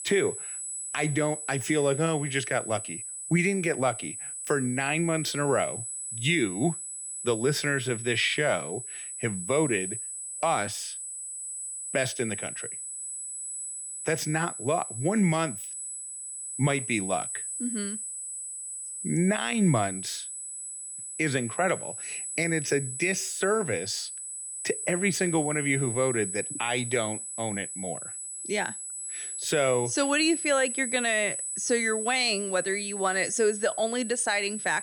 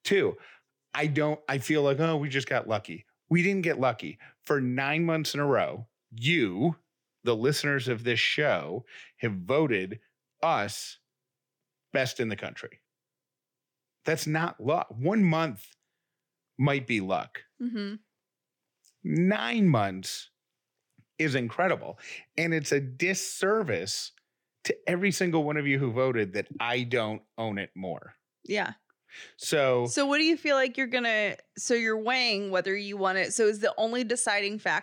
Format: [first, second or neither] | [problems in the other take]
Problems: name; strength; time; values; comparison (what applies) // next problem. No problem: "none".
second | high-pitched whine; loud; throughout; 8 kHz, 6 dB below the speech